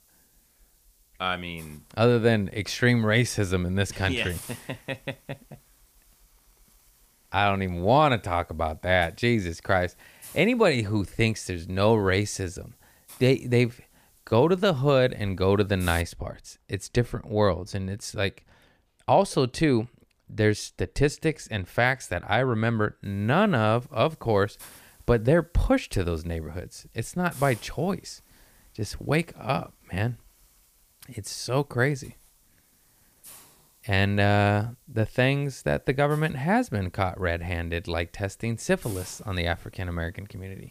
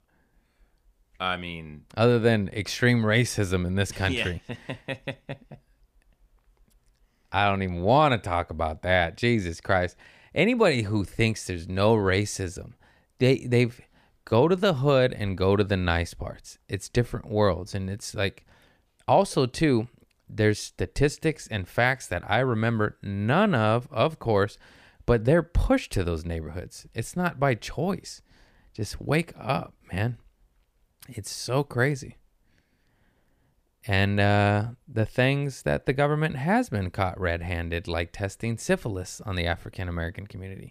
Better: second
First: hiss; faint; until 16 s and from 23 s on; 25 dB below the speech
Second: none

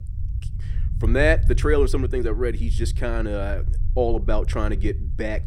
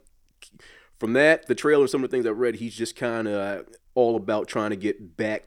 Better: second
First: low rumble; noticeable; throughout; 20 dB below the speech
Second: none

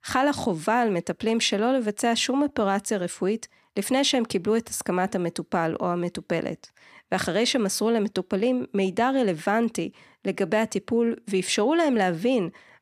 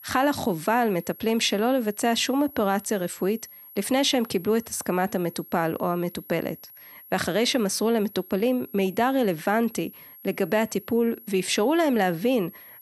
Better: first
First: none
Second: high-pitched whine; noticeable; throughout; 11.5 kHz, 20 dB below the speech

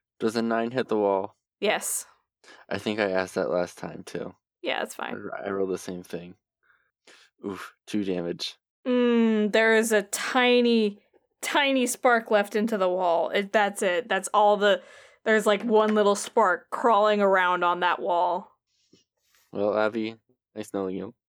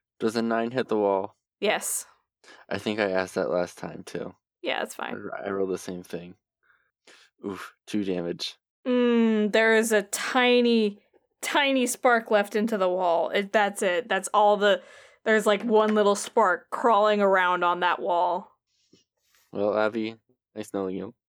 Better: neither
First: none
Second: none

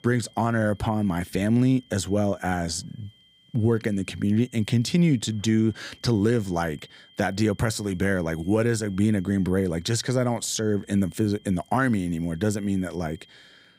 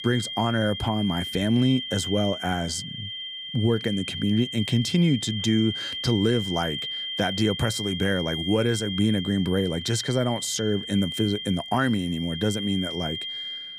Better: first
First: high-pitched whine; faint; throughout; 3 kHz, 30 dB below the speech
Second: high-pitched whine; loud; throughout; 3 kHz, 6 dB below the speech

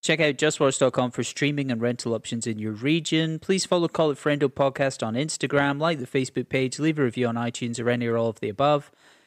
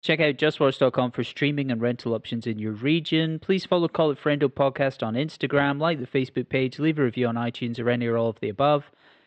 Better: first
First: none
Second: muffled; slightly; fading above 3.5 kHz

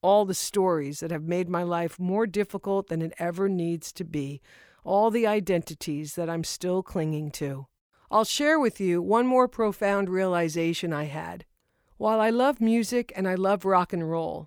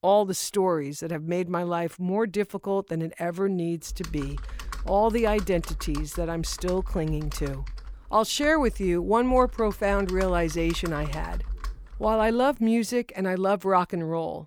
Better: first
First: none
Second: keyboard typing; noticeable; from 4 to 13 s; peak 9 dB below the speech

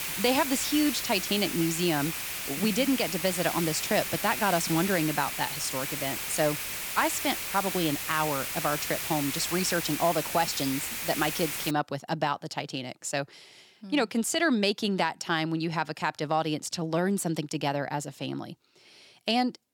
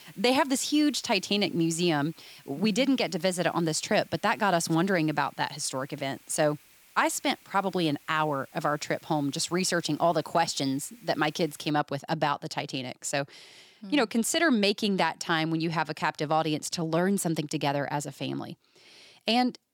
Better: second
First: hiss; loud; until 12 s; 3 dB below the speech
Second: hiss; faint; until 12 s; 25 dB below the speech

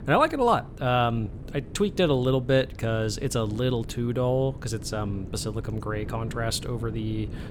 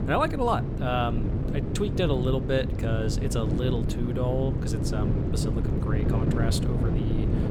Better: first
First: wind noise on the microphone; occasional gusts; 20 dB below the speech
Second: wind noise on the microphone; heavy; 5 dB below the speech

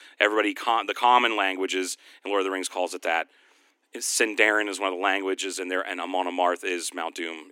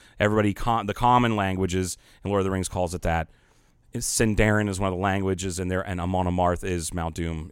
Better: second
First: thin; somewhat; fading below 250 Hz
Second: none

